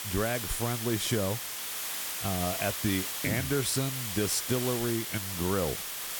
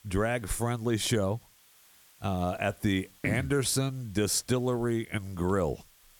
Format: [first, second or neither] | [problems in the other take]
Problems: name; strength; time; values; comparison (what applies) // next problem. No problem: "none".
second | hiss; loud; throughout; 2 dB below the speech; faint in the second